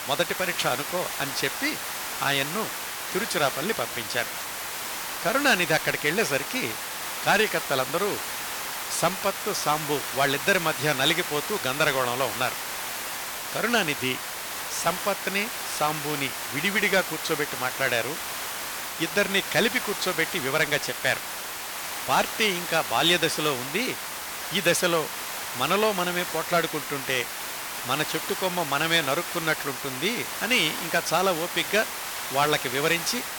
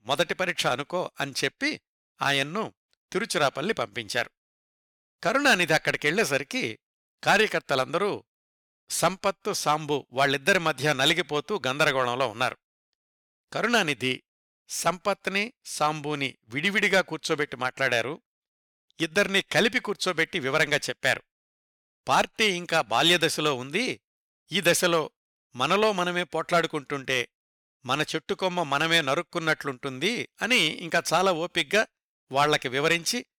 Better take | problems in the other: second | hiss; loud; throughout; 5 dB below the speech

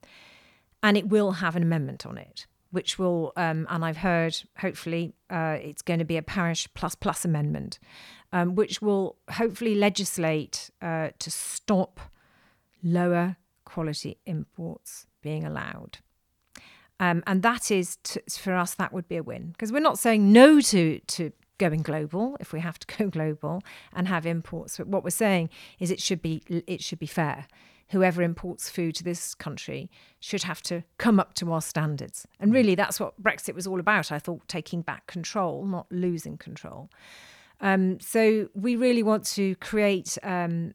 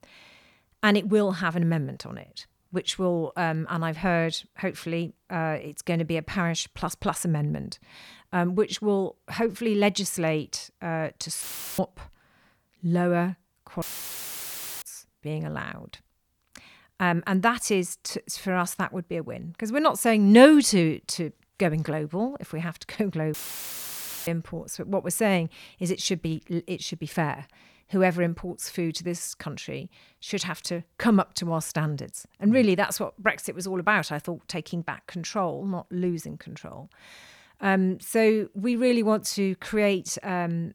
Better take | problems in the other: first | audio cutting out; filled with static; at 11 s, at 14 s for 1 s and at 23 s for 1 s

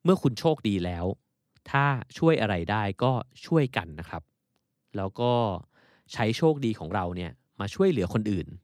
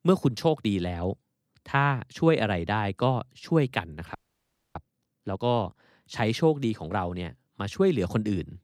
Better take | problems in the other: first | audio freezing; at 4 s for 0.5 s

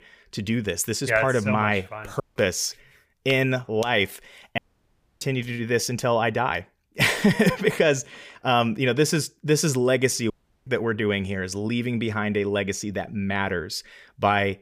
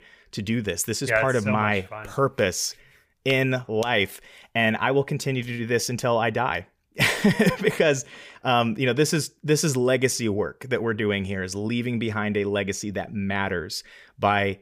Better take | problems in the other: second | audio cutting out; at 2 s, at 4.5 s for 0.5 s and at 10 s

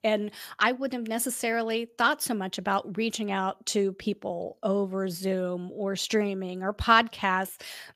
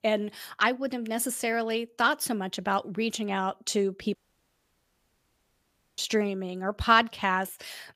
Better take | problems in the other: first | audio cutting out; at 4 s for 2 s

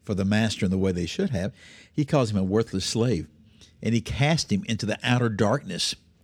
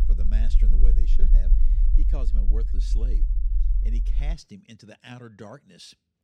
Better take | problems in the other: first | low rumble; loud; until 4.5 s; 4 dB below the speech

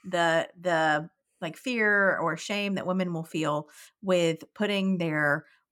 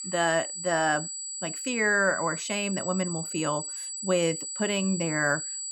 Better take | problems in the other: first | high-pitched whine; loud; throughout; 8 kHz, 5 dB below the speech

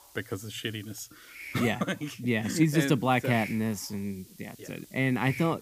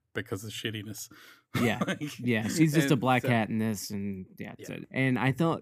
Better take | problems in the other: second | hiss; noticeable; throughout; 15 dB below the speech

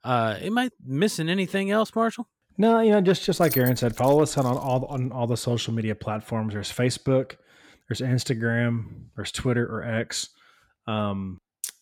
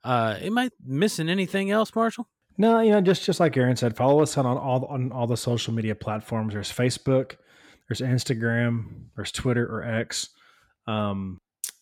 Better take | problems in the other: second | jangling keys; noticeable; from 3.5 to 5 s; peak 4 dB below the speech

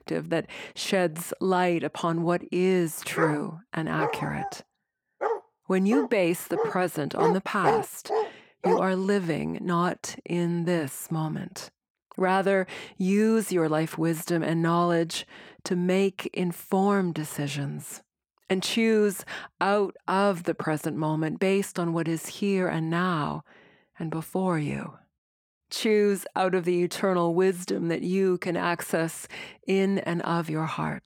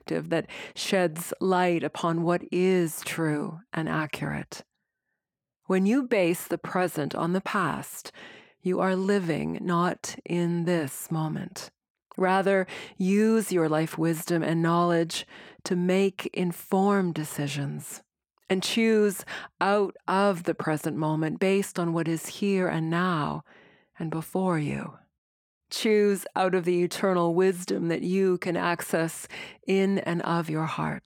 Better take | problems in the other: second | dog barking; loud; from 3 to 9 s; peak 1 dB above the speech

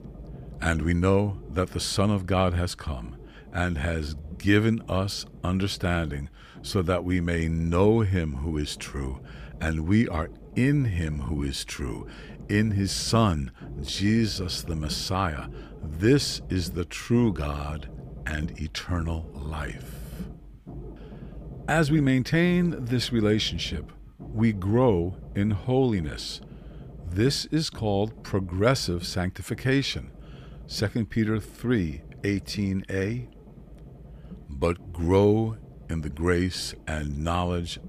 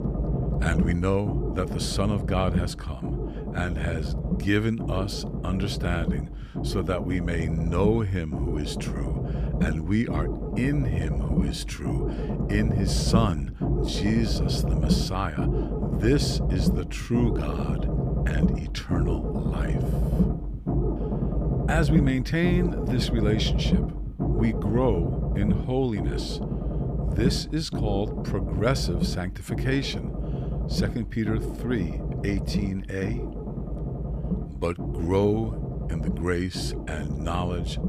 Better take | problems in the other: first | low rumble; loud; throughout; 5 dB below the speech; faint in the first

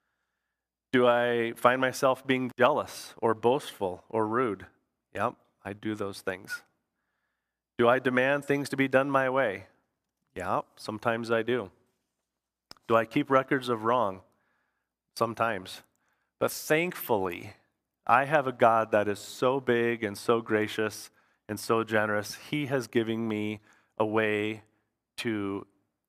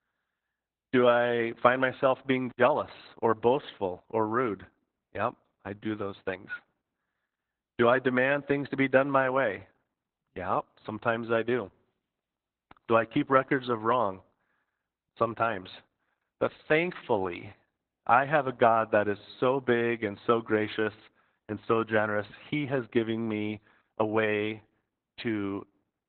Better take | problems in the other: first | garbled, watery; badly; nothing above 4 kHz

